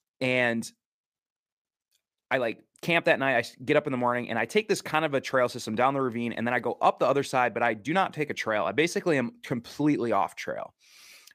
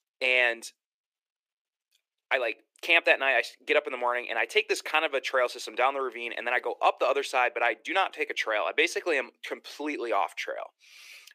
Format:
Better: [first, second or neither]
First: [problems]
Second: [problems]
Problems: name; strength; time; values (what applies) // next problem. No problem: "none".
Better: first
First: none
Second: thin; very; fading below 350 Hz